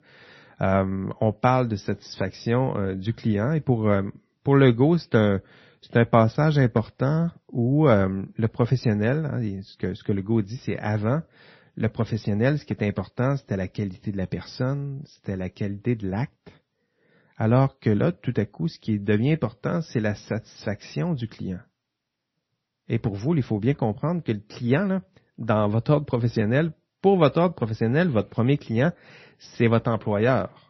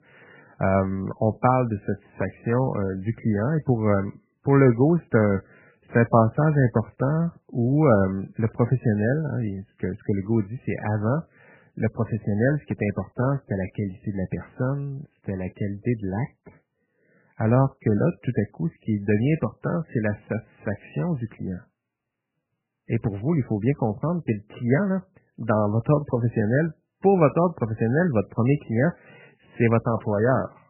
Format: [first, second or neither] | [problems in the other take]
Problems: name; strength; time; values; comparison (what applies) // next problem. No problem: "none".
first | garbled, watery; badly; nothing above 2.5 kHz; slightly in the first